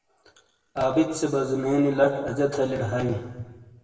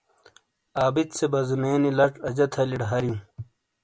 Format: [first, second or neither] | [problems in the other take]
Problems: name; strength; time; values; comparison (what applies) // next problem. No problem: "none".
second | room echo; dies away in 1.2 s